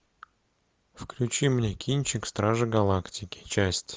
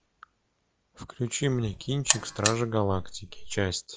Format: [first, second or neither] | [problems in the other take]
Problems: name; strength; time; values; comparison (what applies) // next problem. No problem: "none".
first | noise reduction (classical method log-MMSE)